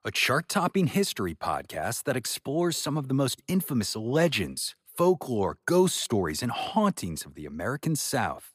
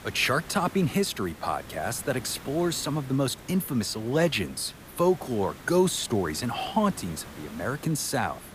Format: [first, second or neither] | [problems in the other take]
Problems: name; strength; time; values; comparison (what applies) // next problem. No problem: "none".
first | hiss; noticeable; throughout; 15 dB below the speech